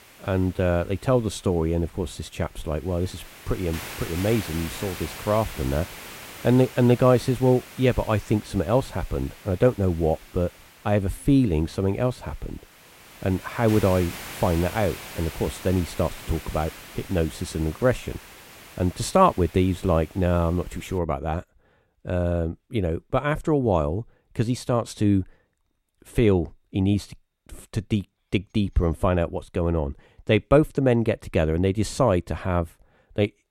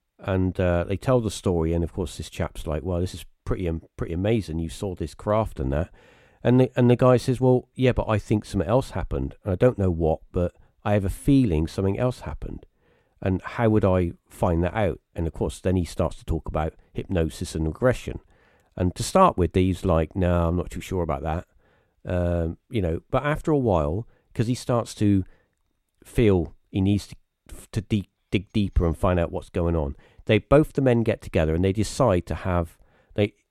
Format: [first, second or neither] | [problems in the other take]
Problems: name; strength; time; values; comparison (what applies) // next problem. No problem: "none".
second | hiss; noticeable; until 21 s; 15 dB below the speech